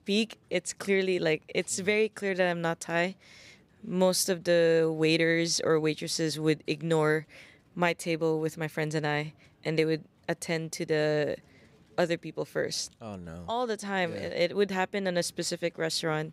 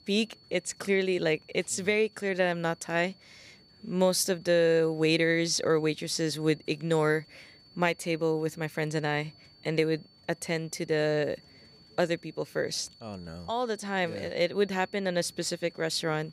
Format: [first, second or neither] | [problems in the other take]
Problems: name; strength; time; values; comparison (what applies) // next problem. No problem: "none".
first | high-pitched whine; faint; throughout; 4.5 kHz, 25 dB below the speech